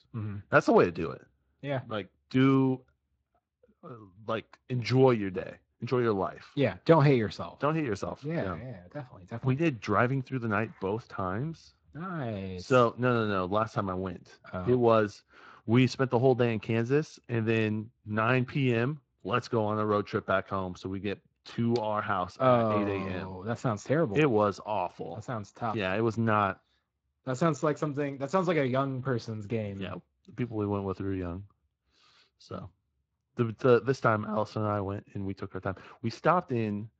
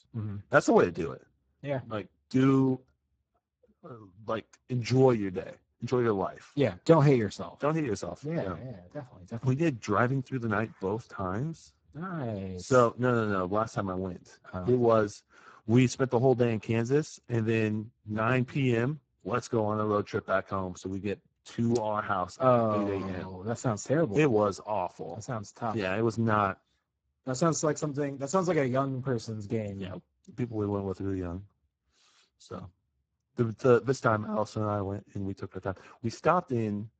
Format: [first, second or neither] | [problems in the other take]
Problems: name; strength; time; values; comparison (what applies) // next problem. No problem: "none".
first | garbled, watery; badly; nothing above 7.5 kHz; slightly in the first